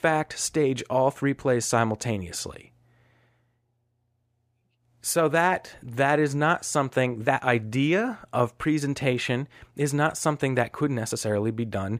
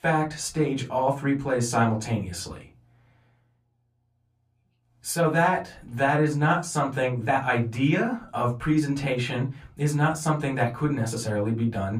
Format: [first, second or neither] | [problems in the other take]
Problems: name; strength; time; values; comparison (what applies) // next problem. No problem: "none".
first | off-mic speech; far // room echo; very slight; dies away in 0.3 s